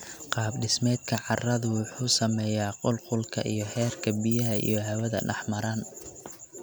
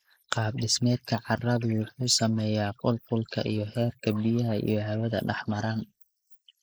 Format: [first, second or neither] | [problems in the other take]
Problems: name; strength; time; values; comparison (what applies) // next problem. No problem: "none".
first | noise reduction (neural mask model Resemble Enhance denoiser)